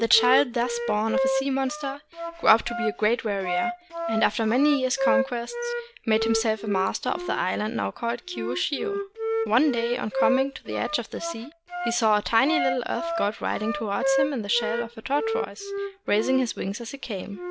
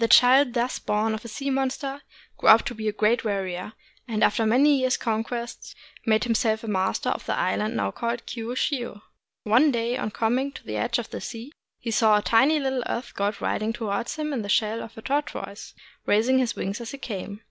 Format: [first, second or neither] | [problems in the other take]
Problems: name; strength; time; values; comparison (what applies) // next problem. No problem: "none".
second | background sound (Wind instrument, woodwind instrument); 4 dB below the speech